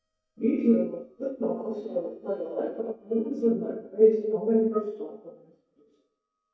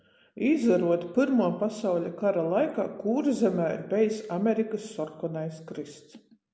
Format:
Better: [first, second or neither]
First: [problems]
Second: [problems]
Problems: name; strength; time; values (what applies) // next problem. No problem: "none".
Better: second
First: noise reduction (neural mask model DeepFilterNet 3)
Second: none